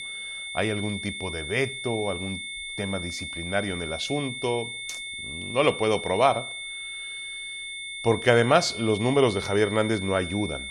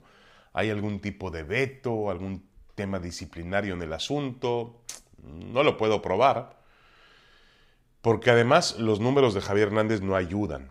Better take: second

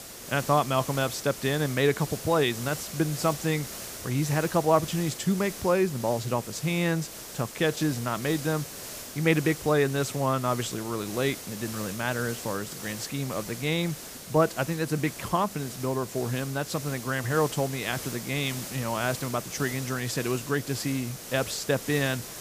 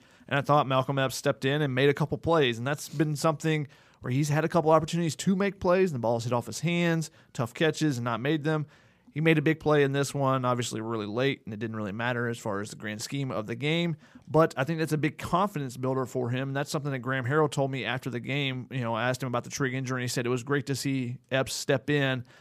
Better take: second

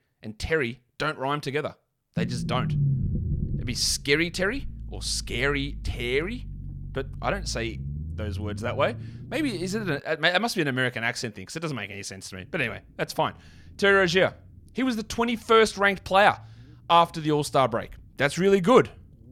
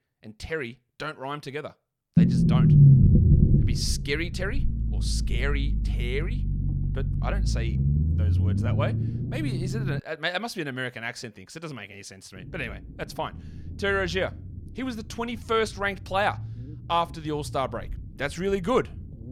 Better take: first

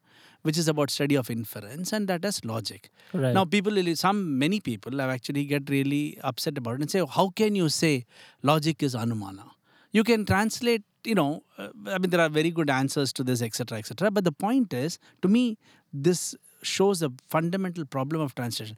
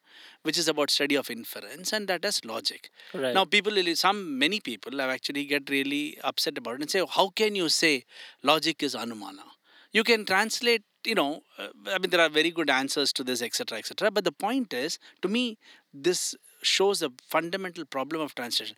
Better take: first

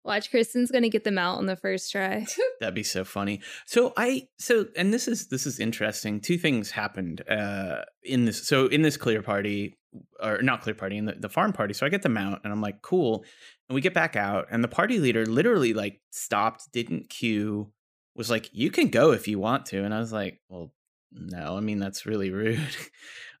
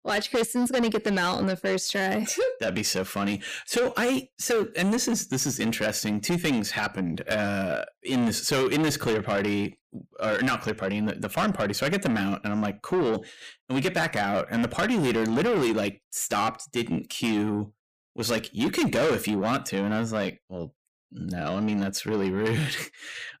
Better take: first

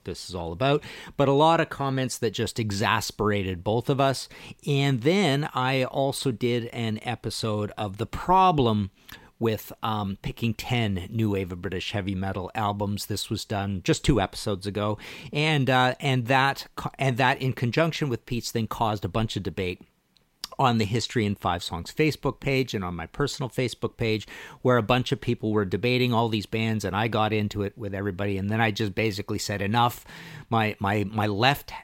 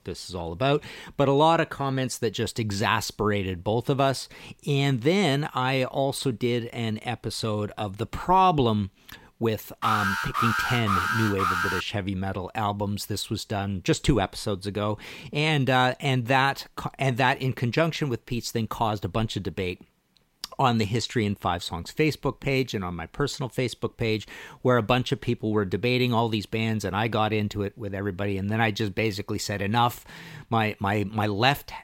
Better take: first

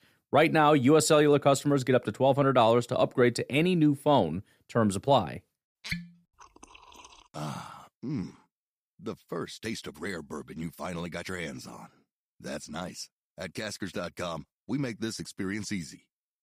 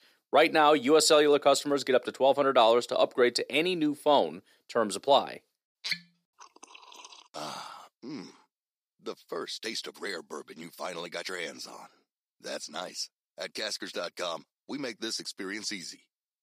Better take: first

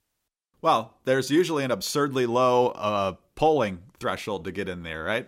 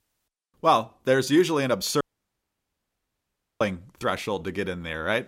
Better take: first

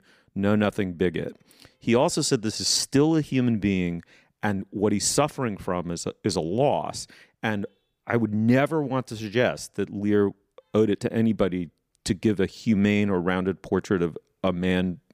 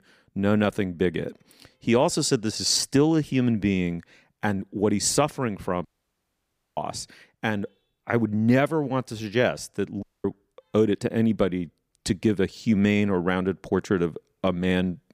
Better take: first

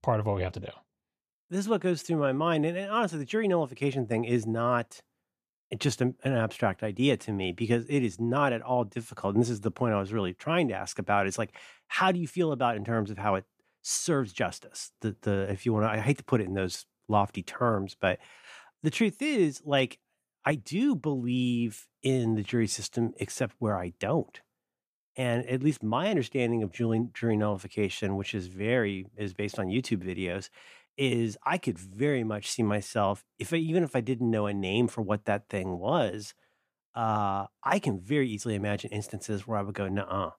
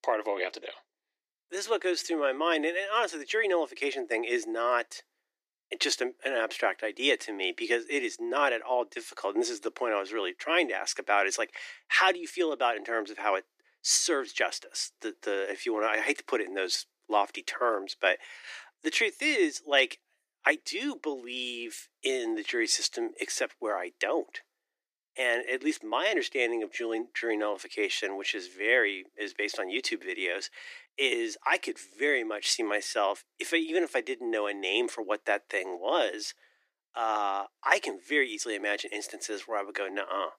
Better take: first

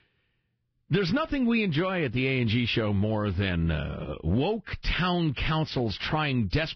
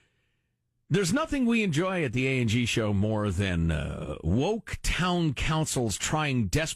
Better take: second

